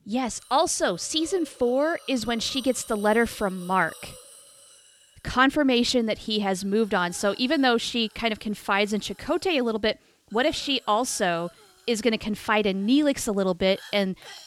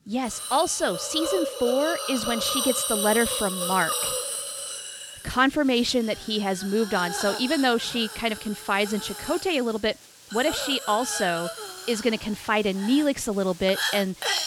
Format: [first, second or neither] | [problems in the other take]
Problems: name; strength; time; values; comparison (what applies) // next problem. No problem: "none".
first | hiss; loud; throughout; 5 dB below the speech; faint in the first